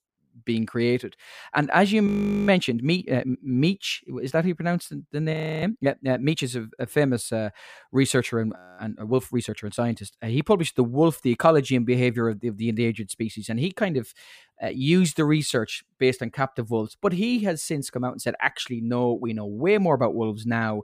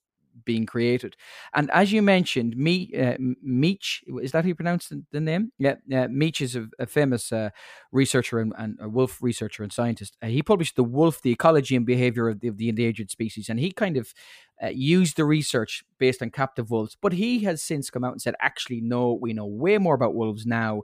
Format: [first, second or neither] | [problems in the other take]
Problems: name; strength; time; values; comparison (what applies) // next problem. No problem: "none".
second | audio freezing; at 2 s, at 5.5 s and at 8.5 s